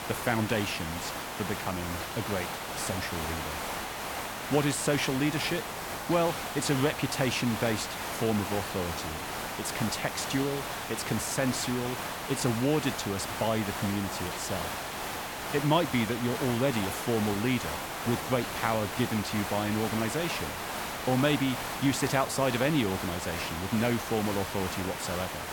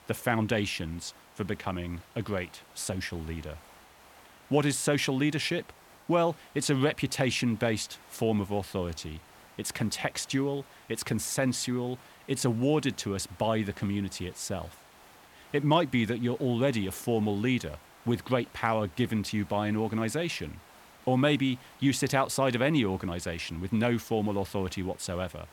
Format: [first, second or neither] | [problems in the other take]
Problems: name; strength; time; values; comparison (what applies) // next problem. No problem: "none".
second | hiss; loud; throughout; 4 dB below the speech; faint in the second